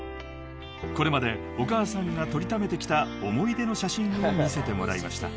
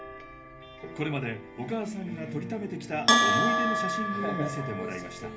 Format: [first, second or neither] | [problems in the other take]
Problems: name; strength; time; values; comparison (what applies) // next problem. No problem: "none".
first | background sound (Bell); 3 dB above the speech // room echo; dies away in 0.3 s